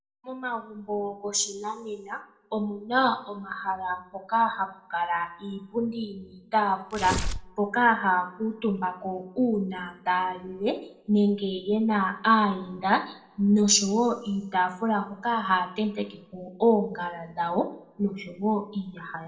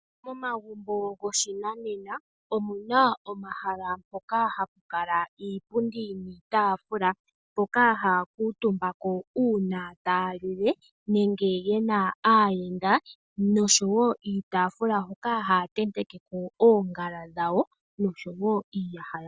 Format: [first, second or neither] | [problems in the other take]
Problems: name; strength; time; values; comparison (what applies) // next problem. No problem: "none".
second | background sound (Tearing); 4 dB below the speech // room echo; dies away in 0.4 s